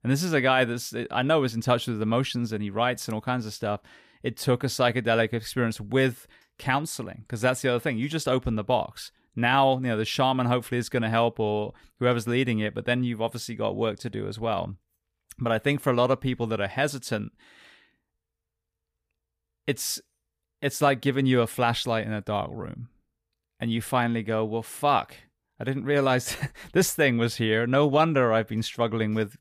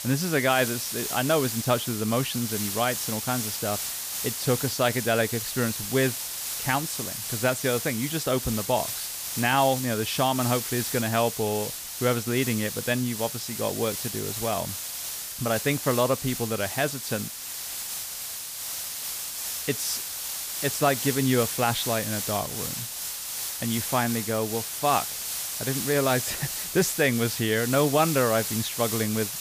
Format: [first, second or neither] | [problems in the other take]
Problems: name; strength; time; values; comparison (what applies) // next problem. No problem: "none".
first | hiss; loud; throughout; 4 dB below the speech